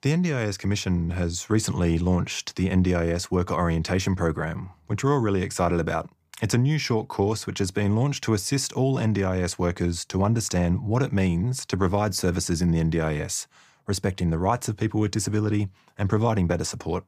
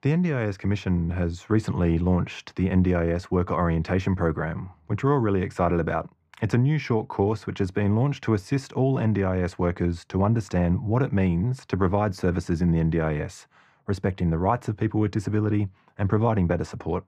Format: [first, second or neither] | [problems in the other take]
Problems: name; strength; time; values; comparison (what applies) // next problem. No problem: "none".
first | muffled; very; fading above 4 kHz